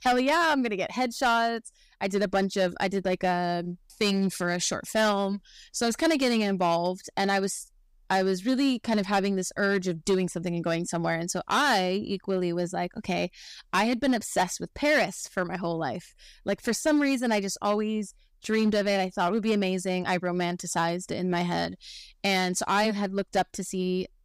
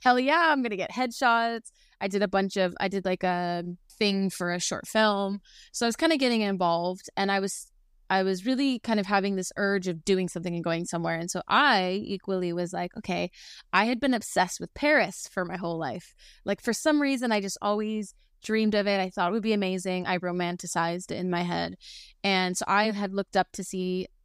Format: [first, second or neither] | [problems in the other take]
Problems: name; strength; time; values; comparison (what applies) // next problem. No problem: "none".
second | distortion; slight; 5% of the sound clipped